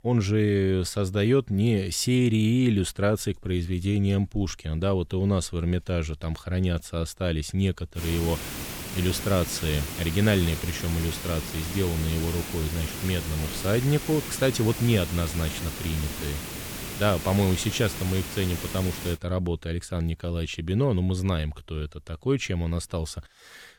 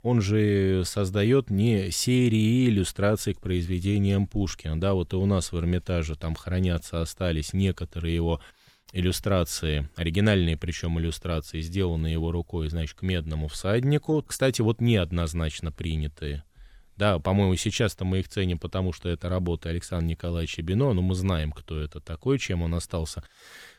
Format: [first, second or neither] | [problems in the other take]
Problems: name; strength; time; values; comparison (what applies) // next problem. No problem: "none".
second | hiss; loud; from 8 to 19 s; 7 dB below the speech